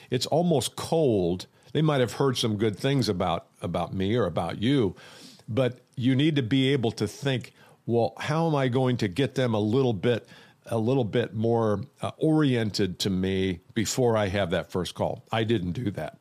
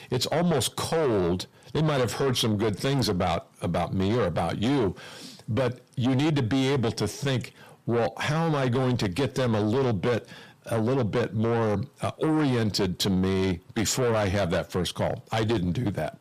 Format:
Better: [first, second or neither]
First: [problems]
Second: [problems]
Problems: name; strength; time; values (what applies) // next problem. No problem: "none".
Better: first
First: none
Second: distortion; heavy; 7 dB below the speech